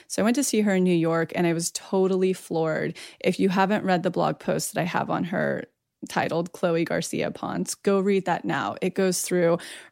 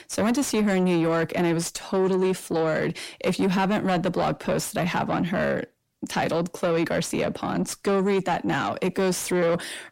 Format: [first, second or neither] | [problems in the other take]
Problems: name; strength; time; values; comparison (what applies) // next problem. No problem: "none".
first | distortion; slight; 10 dB below the speech